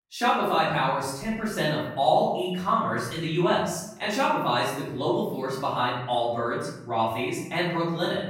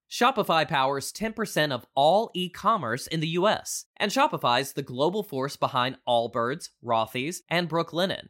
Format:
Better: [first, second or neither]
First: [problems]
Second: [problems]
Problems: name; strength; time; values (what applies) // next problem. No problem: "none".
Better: second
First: room echo; noticeable; dies away in 0.8 s // off-mic speech; far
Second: none